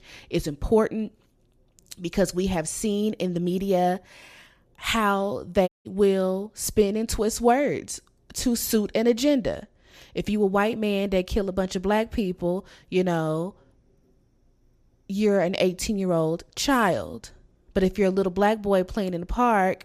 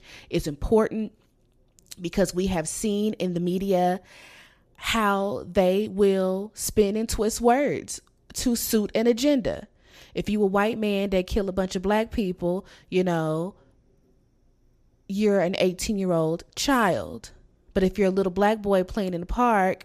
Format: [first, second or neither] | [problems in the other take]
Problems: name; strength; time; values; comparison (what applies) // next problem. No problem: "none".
second | audio cutting out; at 5.5 s